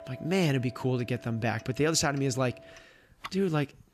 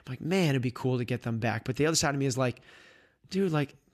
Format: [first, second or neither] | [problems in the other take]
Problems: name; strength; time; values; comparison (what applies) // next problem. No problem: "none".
second | household noises; noticeable; throughout; 20 dB below the speech